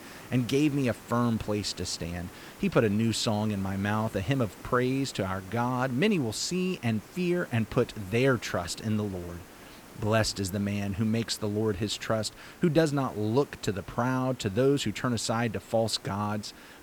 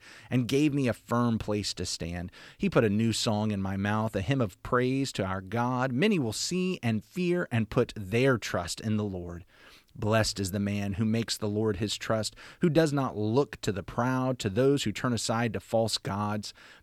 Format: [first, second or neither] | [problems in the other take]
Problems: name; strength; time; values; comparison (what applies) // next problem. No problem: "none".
second | hiss; noticeable; throughout; 20 dB below the speech